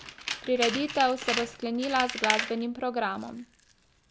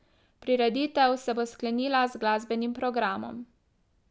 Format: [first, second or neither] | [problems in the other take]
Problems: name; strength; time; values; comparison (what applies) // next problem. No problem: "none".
second | background sound (Tools); 5 dB below the speech